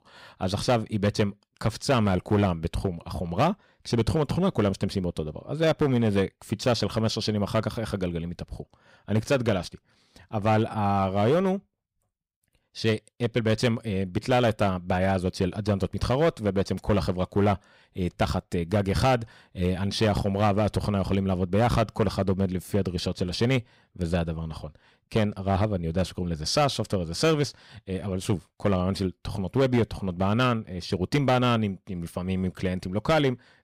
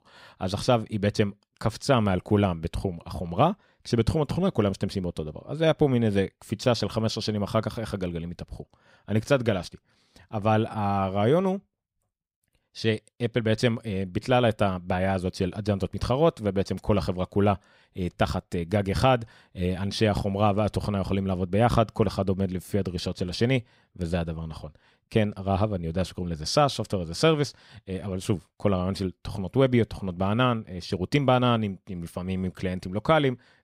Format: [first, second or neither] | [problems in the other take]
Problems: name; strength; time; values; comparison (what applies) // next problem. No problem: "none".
second | distortion; slight; 4% of the sound clipped